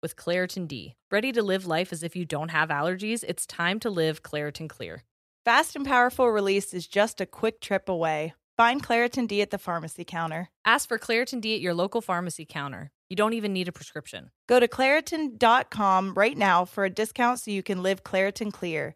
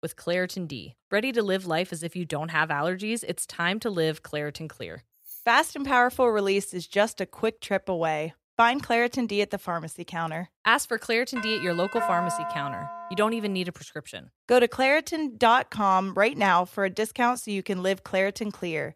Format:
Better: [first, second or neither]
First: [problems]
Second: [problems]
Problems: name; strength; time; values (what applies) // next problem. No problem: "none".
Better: first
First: none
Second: jangling keys; faint; at 5 s; peak 15 dB below the speech // doorbell; noticeable; from 11 to 13 s; peak 2 dB below the speech